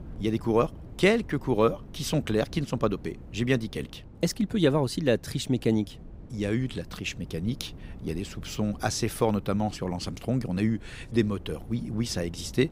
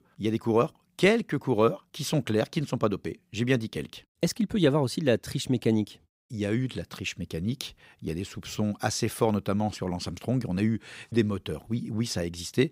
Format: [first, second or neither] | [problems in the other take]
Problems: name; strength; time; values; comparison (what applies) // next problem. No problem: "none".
second | wind noise on the microphone; occasional gusts; 25 dB below the speech